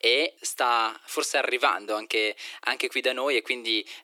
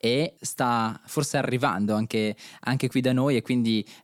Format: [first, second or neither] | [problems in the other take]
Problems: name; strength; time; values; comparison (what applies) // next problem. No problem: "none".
second | thin; very; fading below 350 Hz